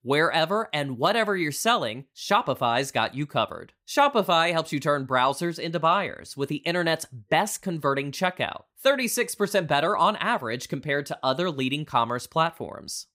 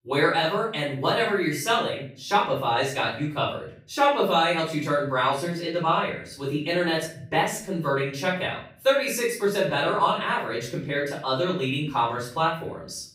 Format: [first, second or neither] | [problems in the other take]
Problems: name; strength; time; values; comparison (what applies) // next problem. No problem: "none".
first | off-mic speech; far // room echo; noticeable; dies away in 0.5 s